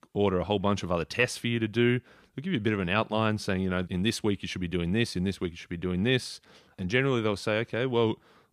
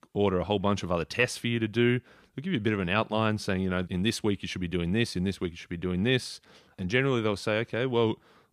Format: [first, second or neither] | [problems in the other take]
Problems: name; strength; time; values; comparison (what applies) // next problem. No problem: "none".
neither | none